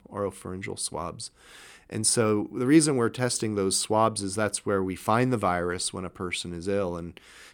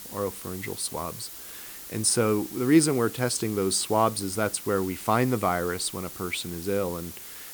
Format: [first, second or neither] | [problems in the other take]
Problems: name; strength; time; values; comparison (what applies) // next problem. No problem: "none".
first | hiss; noticeable; throughout; 10 dB below the speech